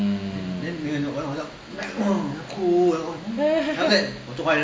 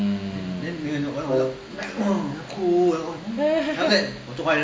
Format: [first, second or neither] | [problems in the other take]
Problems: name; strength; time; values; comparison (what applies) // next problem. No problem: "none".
first | background sound (Wind instrument, woodwind instrument); 2 dB below the speech